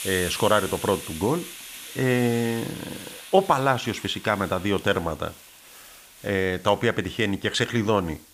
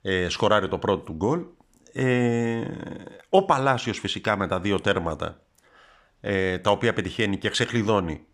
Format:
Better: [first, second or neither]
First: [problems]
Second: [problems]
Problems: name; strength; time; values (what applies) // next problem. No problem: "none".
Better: second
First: hiss; noticeable; throughout; 15 dB below the speech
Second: none